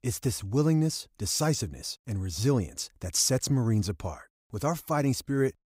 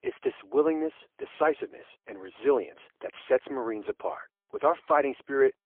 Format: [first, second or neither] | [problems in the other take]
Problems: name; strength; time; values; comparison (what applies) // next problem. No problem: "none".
first | phone-call audio; poor line; nothing above 3.5 kHz